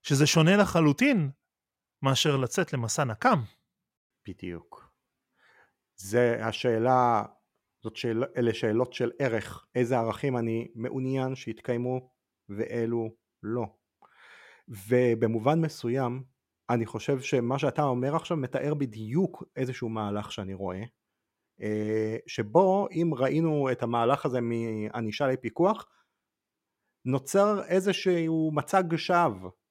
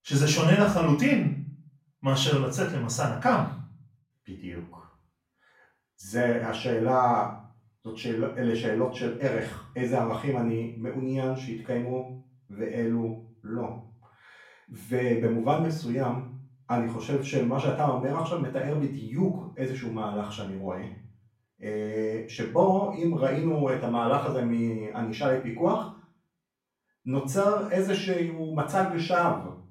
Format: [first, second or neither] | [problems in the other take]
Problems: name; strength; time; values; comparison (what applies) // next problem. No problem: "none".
first | off-mic speech; far // room echo; noticeable; dies away in 0.4 s